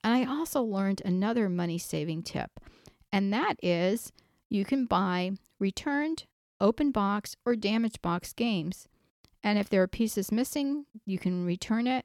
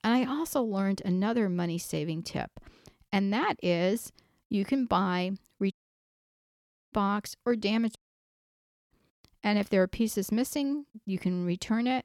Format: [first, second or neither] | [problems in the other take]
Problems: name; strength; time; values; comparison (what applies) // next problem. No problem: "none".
first | audio cutting out; at 5.5 s for 1 s and at 8 s for 1 s